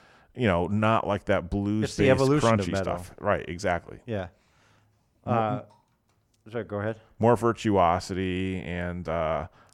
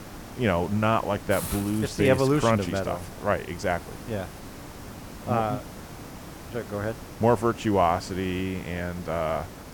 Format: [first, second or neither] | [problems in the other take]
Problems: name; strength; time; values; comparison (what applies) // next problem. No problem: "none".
first | hiss; noticeable; throughout; 15 dB below the speech